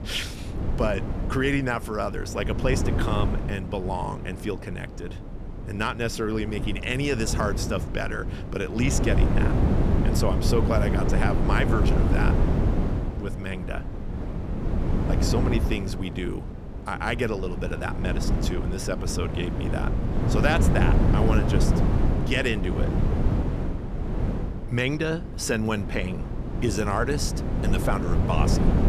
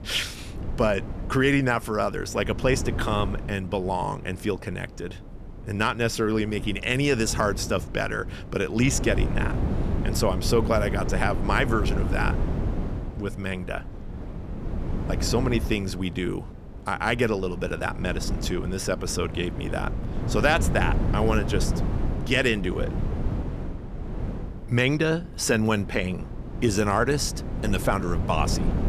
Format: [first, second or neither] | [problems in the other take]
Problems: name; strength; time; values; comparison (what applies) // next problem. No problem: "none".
second | wind noise on the microphone; heavy; 5 dB below the speech; occasional gusts in the second